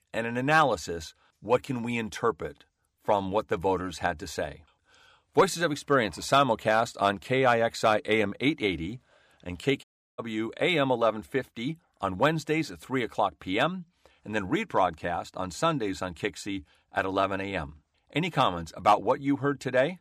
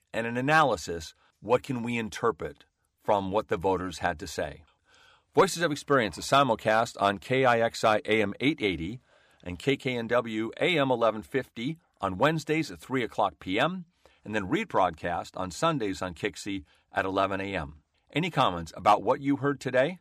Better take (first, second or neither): second